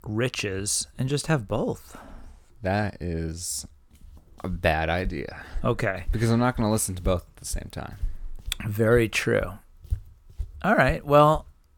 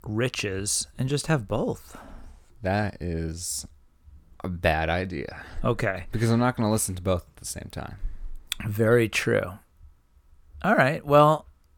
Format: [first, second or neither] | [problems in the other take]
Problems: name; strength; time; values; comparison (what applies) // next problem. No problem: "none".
second | footsteps; faint; from 4.5 s on; peak 10 dB below the speech